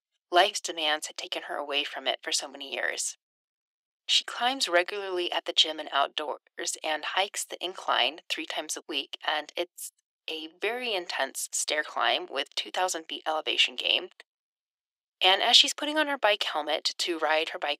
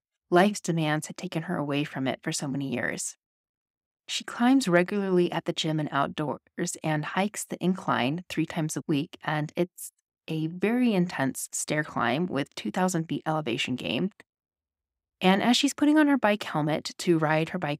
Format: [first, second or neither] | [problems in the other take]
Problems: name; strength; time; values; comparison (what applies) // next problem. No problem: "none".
second | thin; very; fading below 400 Hz